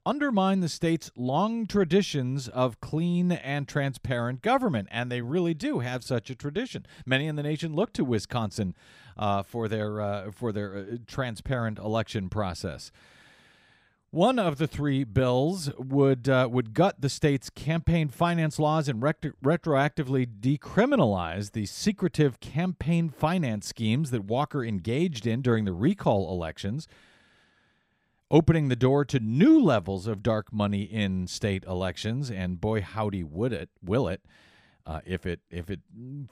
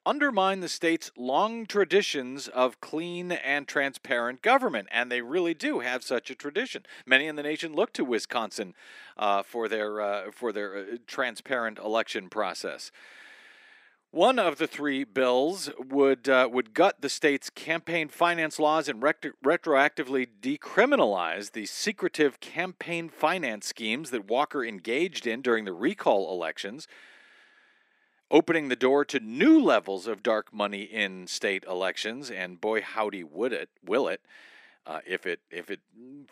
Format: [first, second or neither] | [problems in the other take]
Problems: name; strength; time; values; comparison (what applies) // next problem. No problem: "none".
first | thin; somewhat; fading below 300 Hz